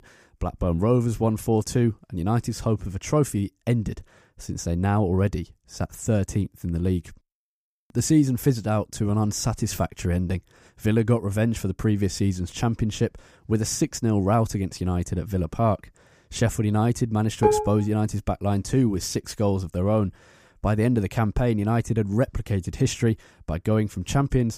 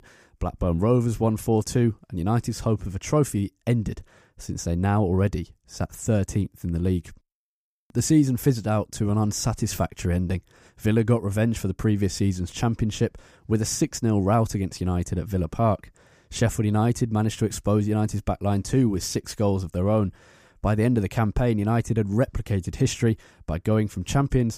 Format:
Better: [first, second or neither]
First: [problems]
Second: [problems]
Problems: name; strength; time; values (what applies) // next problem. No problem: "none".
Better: second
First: clattering dishes; loud; at 17 s; peak 2 dB above the speech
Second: none